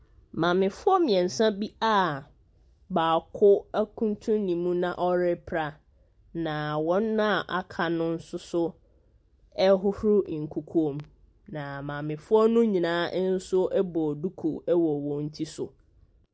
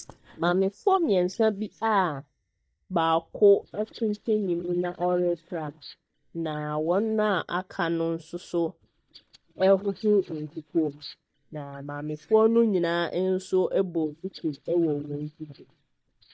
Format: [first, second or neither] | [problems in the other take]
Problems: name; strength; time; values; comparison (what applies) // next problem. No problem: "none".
first | noise reduction (neural mask model DeepFilterNet 3)